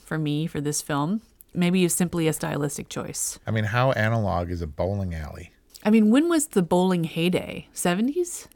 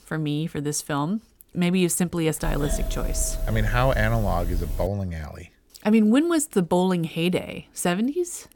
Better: first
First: none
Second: doorbell; noticeable; from 2.5 to 5 s; peak 6 dB below the speech

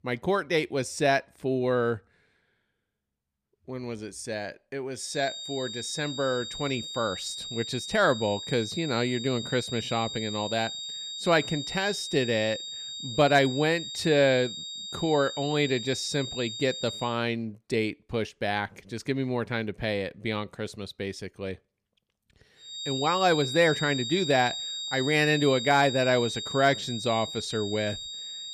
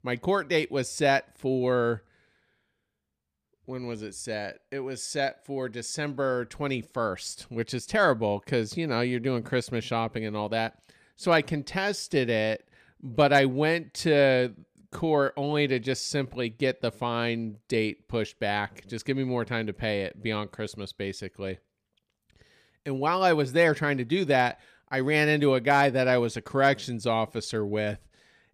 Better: second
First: high-pitched whine; loud; from 5 to 17 s and from 23 s on; 4 kHz, 6 dB below the speech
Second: none

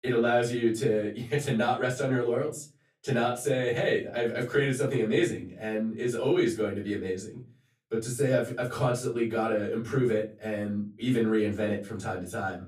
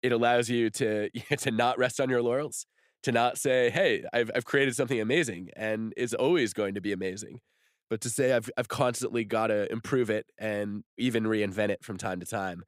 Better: second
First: off-mic speech; far // room echo; slight; dies away in 0.3 s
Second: none

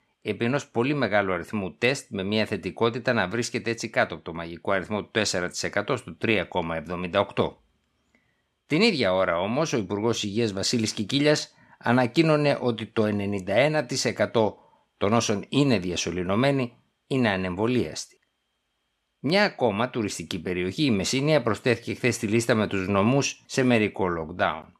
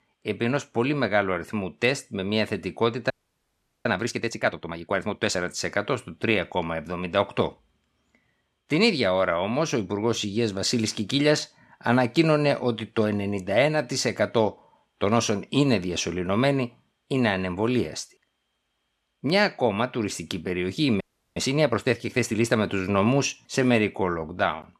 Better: first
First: none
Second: audio freezing; at 3 s for 1 s and at 21 s

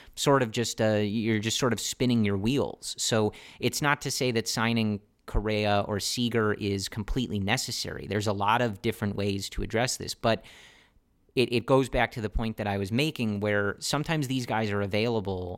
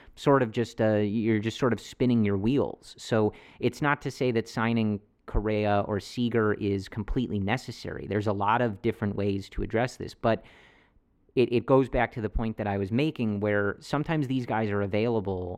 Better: first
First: none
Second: muffled; slightly; fading above 3.5 kHz

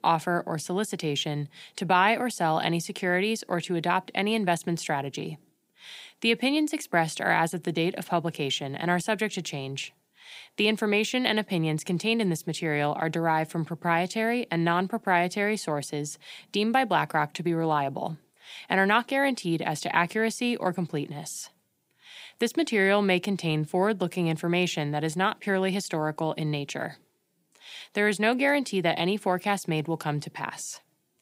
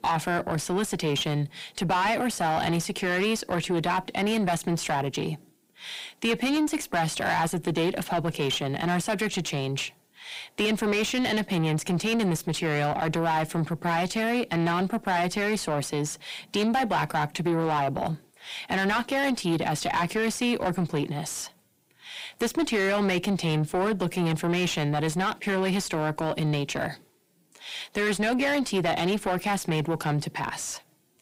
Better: first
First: none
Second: distortion; heavy; 6 dB below the speech

